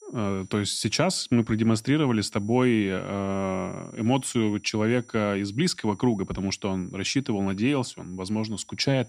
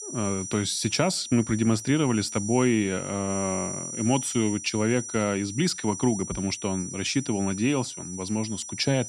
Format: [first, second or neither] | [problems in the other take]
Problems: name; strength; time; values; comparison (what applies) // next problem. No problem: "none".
first | high-pitched whine; loud; throughout; 6 kHz, 8 dB below the speech; faint in the first